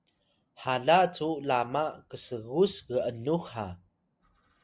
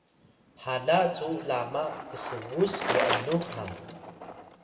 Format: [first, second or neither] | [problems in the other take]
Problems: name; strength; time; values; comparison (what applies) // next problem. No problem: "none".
first | background sound (Bicycle); 6 dB below the speech // room echo; dies away in 2.3 s